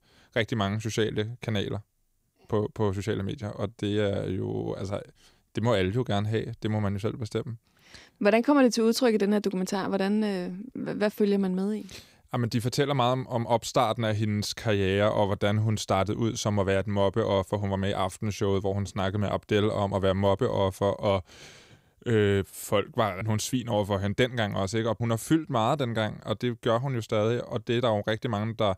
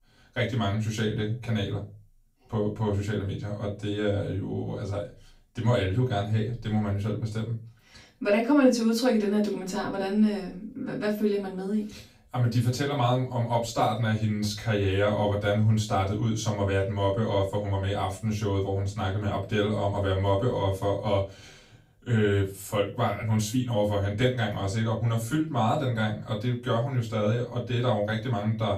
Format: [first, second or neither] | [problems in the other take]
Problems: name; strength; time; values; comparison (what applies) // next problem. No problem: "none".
first | off-mic speech; far // room echo; slight; dies away in 0.3 s